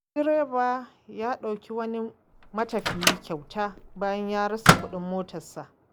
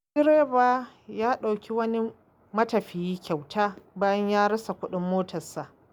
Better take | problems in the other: second | background sound (Microwave oven); 2 dB above the speech

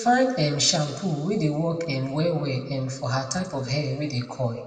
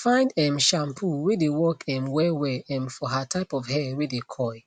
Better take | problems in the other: second | room echo; dies away in 1.4 s

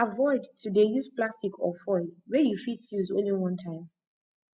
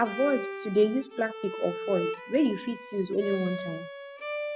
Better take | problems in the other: first | background sound (Bowed string instrument); 8 dB below the speech

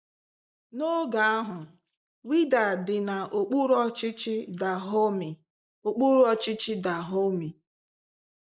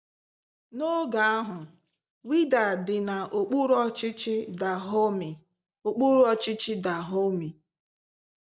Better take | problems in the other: second | noise reduction (neural mask model Resemble Enhance denoiser)

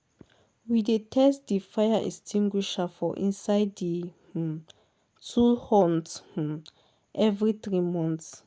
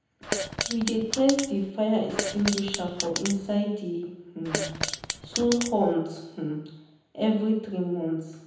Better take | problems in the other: first | background sound (Fart); 5 dB below the speech // room echo; dies away in 0.8 s

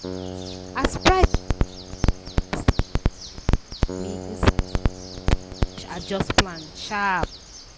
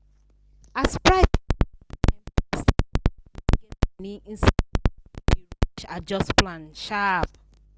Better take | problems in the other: second | background sound (Bird + Keyboard (musical)); 13 dB below the speech

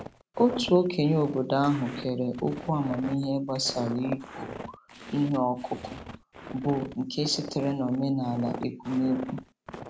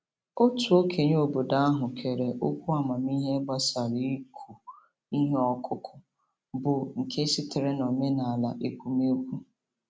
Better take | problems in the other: second | background sound (Walk, footsteps); 13 dB below the speech

